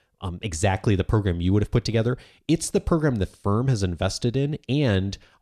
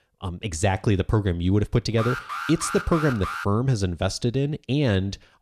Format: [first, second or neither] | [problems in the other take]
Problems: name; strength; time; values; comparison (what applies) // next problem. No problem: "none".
first | alarm; noticeable; from 2 to 3.5 s; peak 6 dB below the speech